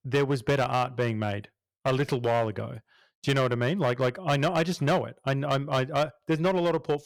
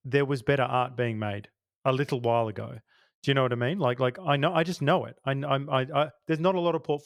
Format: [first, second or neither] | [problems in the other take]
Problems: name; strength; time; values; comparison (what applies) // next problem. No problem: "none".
second | distortion; slight; 7% of the sound clipped